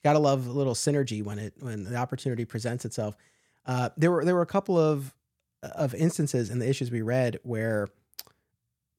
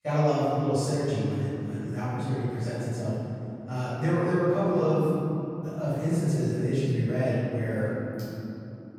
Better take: first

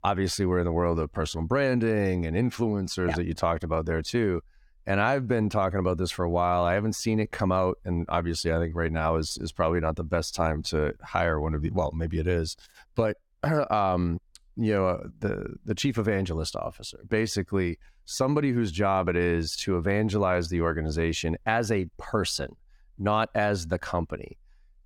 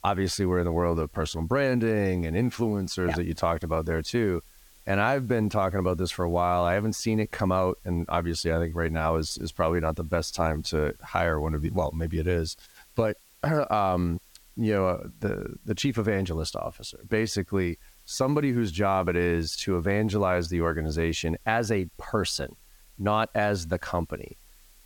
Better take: first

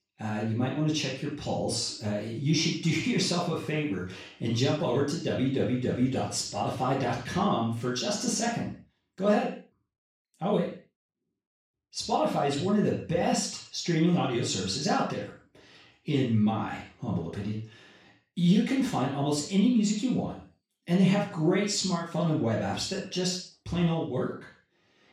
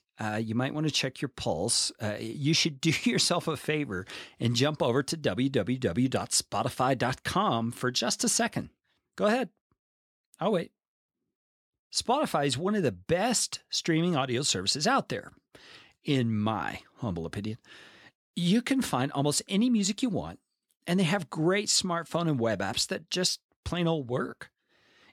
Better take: second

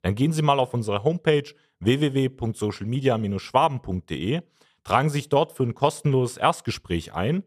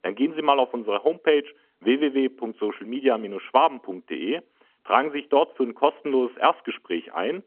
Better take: first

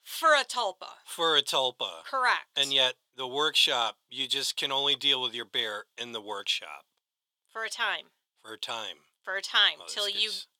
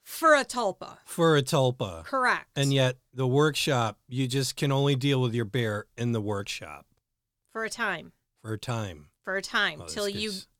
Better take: second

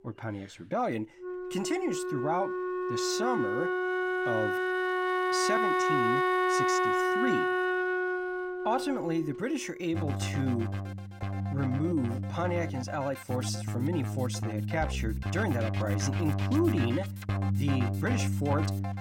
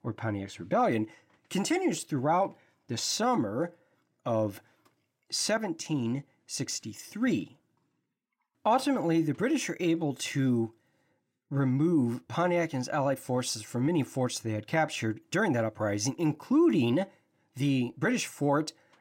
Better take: second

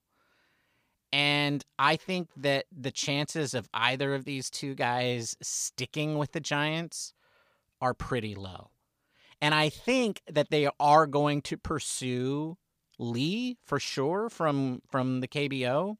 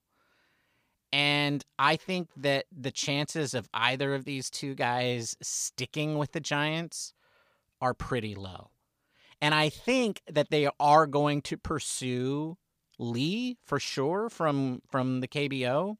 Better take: neither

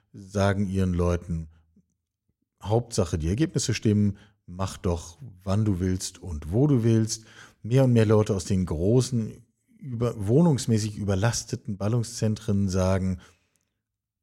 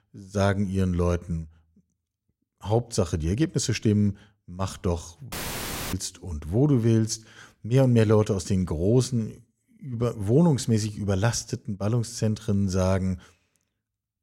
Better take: first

